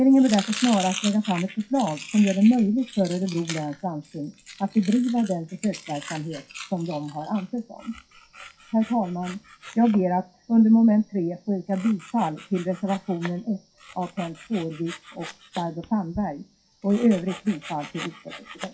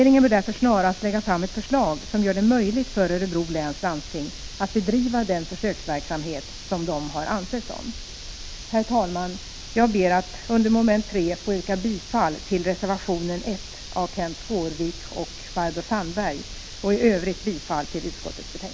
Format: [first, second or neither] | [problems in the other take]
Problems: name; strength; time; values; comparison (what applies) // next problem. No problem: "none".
second | noise reduction (classical method WPE with log-MMSE)